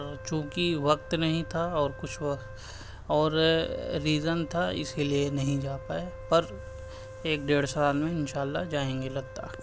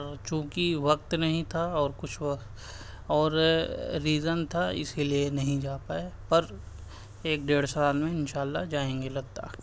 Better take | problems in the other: second | background sound (Wind instrument, woodwind instrument); 16 dB below the speech

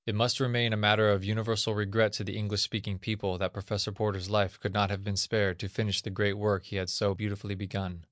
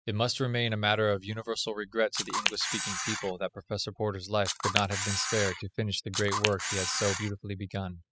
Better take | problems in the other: first | noise reduction (classical method spectral subtraction)

